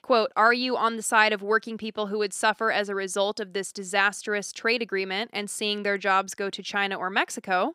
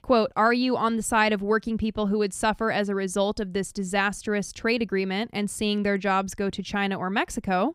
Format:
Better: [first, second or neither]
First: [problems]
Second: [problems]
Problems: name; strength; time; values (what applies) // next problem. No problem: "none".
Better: second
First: thin; somewhat; fading below 350 Hz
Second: none